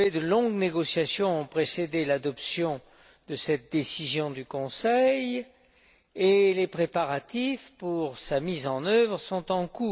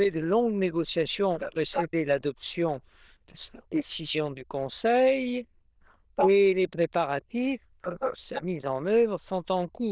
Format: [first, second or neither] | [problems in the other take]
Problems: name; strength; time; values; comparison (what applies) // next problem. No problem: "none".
first | noise reduction (neural diffusion model UNIVERSE++)